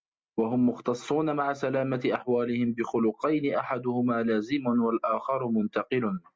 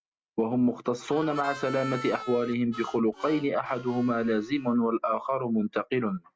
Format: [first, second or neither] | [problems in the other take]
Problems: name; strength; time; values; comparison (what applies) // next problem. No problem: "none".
first | background sound (Harmonica); 14 dB below the speech